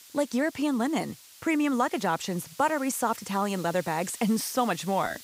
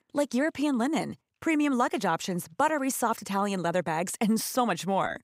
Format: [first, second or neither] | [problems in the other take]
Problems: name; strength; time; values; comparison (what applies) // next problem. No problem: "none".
second | hiss; noticeable; throughout; 20 dB below the speech